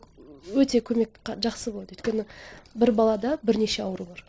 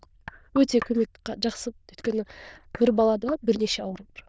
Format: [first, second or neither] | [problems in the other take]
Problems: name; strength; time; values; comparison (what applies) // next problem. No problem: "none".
first | noise reduction (neural diffusion model UNIVERSE++)